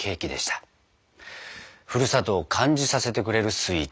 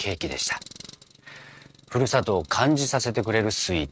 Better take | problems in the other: first | noise reduction (neural mask model RNNoise)

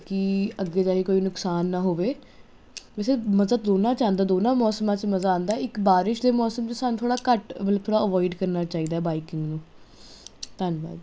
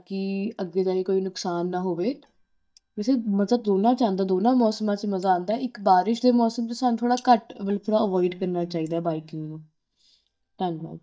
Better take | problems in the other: first | noise reduction (neural mask model DeepFilterNet 3)

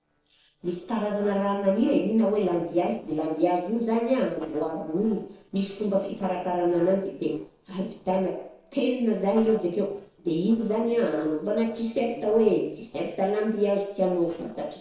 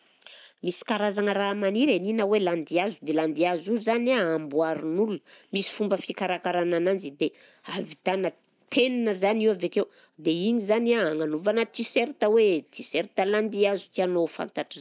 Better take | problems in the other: second | noise reduction (neural separator model SepFormer DNS4)

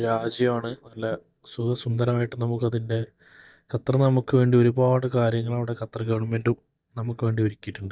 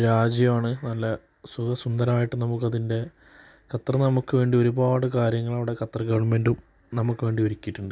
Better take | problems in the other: second | noise reduction (neural mask model DeepFilterNet 3)

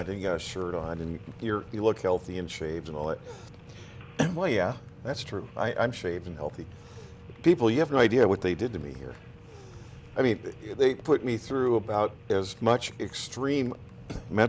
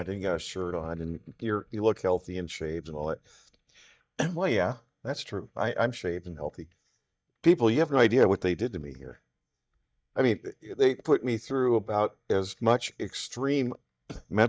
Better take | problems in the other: first | noise reduction (neural mask model DeepFilterNet 3)

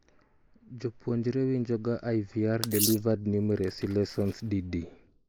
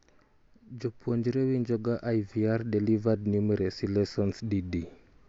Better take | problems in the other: second | noise reduction (neural mask model Resemble Enhance denoiser)

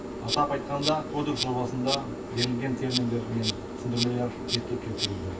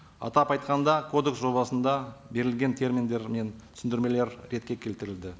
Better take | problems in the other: second | background sound (Insect); 3 dB below the speech // room echo; dies away in 0.1 s

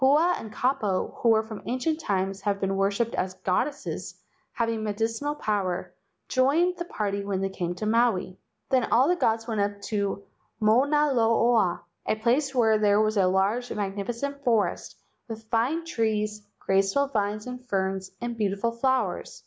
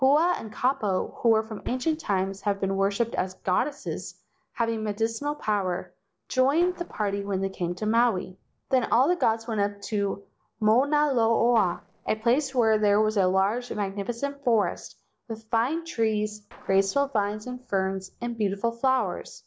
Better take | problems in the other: first | noise reduction (neural separator model SepFormer DNS4)

